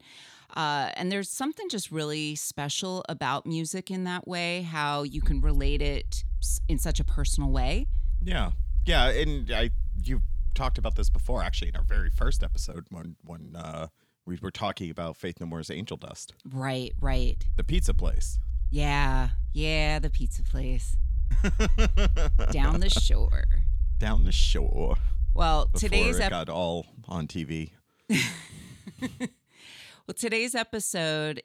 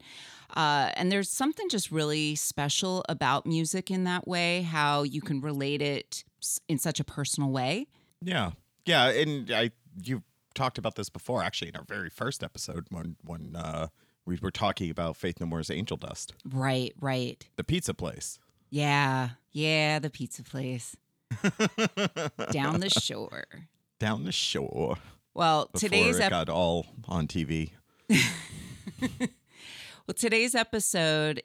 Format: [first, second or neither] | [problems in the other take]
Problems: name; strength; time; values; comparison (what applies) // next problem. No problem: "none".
second | low rumble; faint; from 5 to 13 s and from 17 to 26 s; 20 dB below the speech